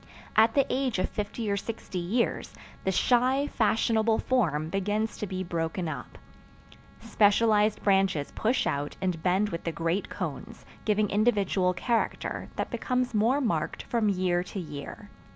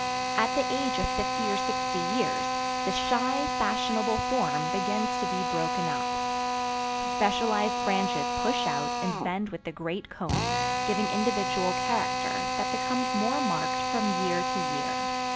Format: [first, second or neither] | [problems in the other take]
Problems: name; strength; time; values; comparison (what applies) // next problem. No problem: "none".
first | background sound (Drill); 3 dB above the speech